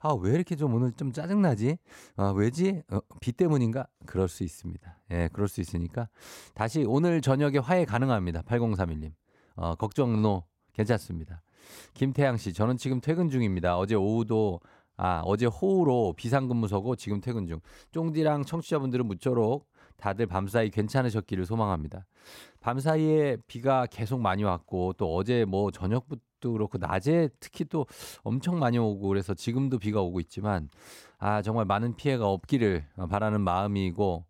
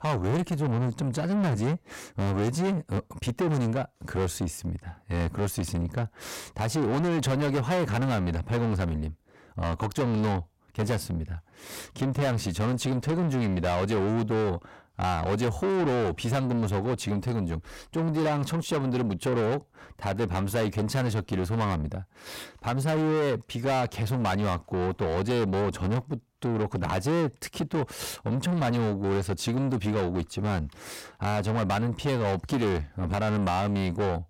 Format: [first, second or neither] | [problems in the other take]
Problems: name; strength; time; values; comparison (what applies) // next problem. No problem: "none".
first | distortion; heavy; 6 dB below the speech